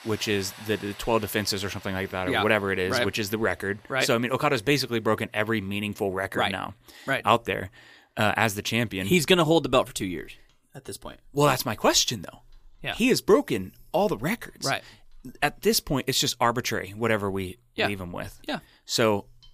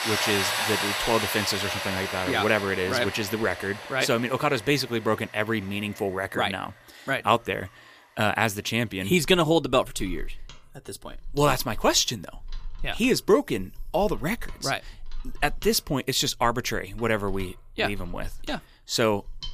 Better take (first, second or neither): first